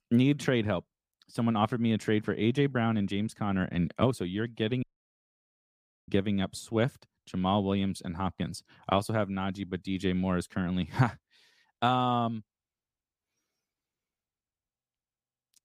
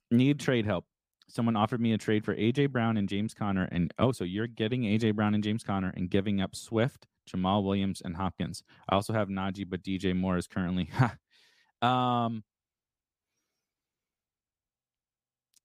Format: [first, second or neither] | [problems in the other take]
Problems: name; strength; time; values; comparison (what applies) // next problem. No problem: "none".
second | audio cutting out; at 5 s for 1.5 s